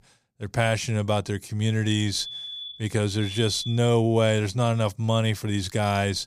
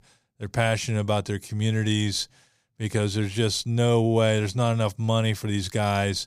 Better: second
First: alarm; noticeable; from 2 to 4 s; peak 8 dB below the speech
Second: none

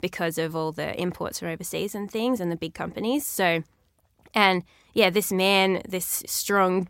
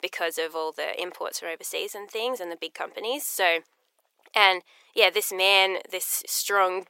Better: first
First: none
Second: thin; very; fading below 450 Hz

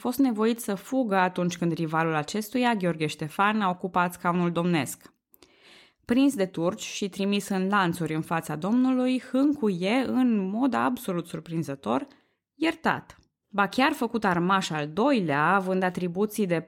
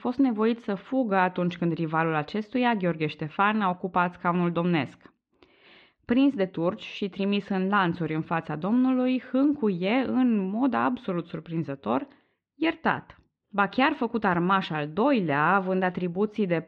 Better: first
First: none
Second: muffled; slightly; fading above 3.5 kHz

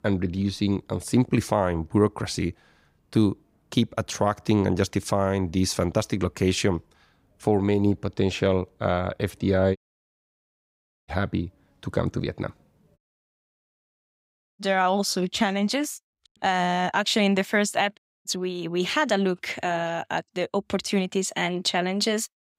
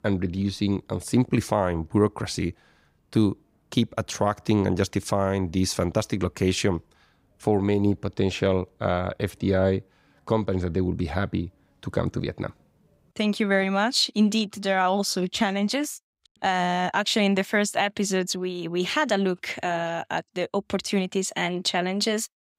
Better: second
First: audio cutting out; at 10 s for 1.5 s, at 13 s for 1.5 s and at 18 s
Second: none

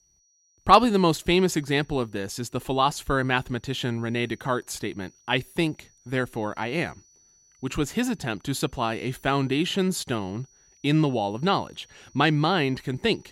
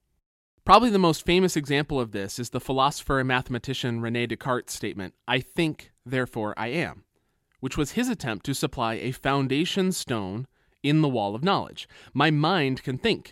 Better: second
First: high-pitched whine; faint; throughout; 6 kHz, 35 dB below the speech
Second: none

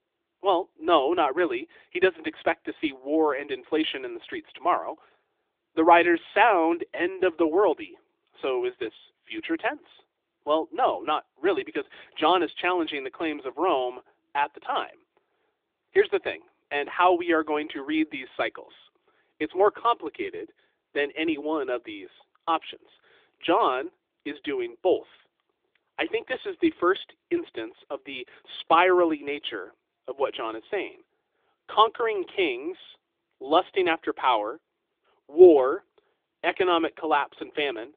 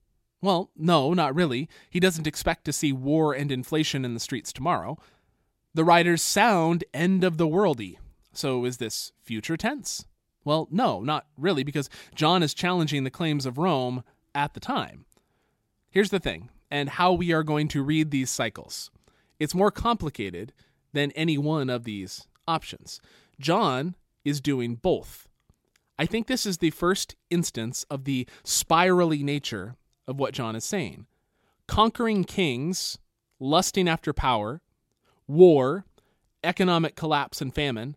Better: second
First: phone-call audio; nothing above 3.5 kHz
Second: none

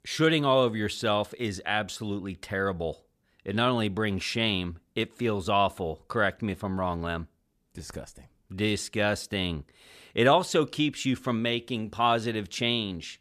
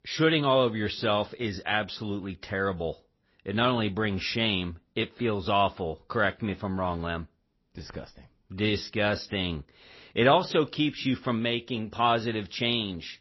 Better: first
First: none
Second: garbled, watery; slightly; nothing above 5.5 kHz

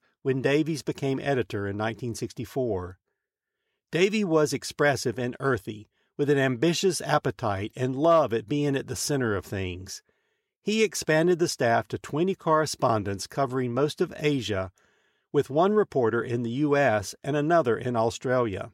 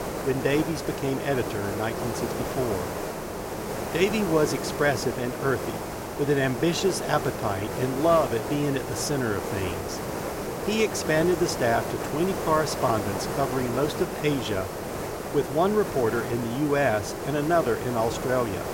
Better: first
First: none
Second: hiss; loud; throughout; 5 dB below the speech

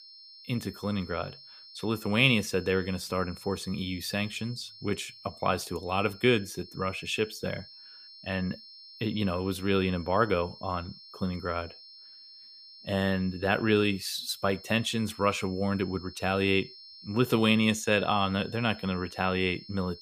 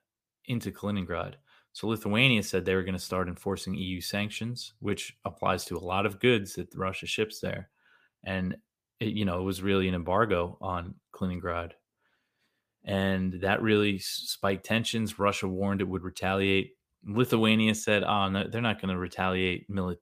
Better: second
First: high-pitched whine; noticeable; throughout; 5.5 kHz, 20 dB below the speech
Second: none

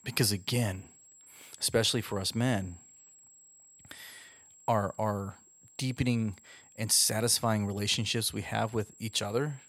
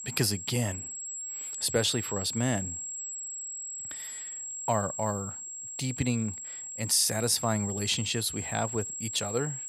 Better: first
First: high-pitched whine; faint; throughout; 7.5 kHz, 25 dB below the speech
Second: high-pitched whine; loud; throughout; 7.5 kHz, 6 dB below the speech

